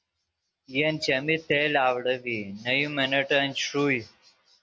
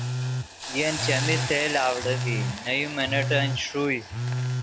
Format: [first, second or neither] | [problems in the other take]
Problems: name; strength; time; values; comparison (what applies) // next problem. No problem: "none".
first | background sound (Telephone + Hiss); 1 dB below the speech